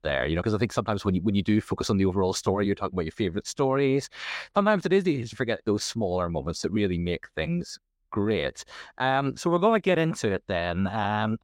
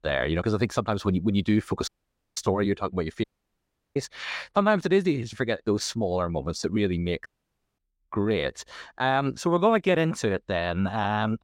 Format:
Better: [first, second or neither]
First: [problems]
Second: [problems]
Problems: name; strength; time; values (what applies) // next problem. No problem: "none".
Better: first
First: none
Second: audio cutting out; at 2 s, at 3 s for 0.5 s and at 7.5 s for 0.5 s